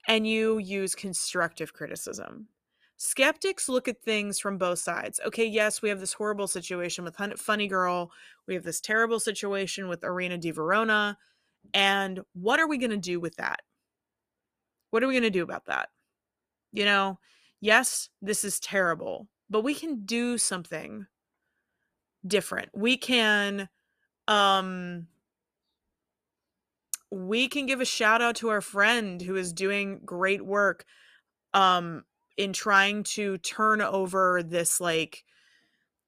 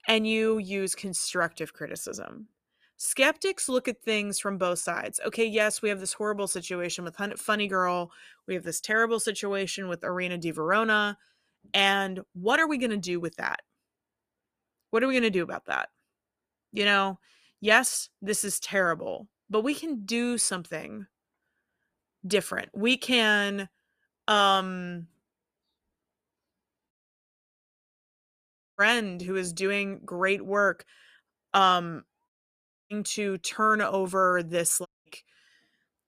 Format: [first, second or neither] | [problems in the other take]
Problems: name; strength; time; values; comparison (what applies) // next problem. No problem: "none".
first | audio cutting out; at 27 s for 2 s, at 32 s for 0.5 s and at 35 s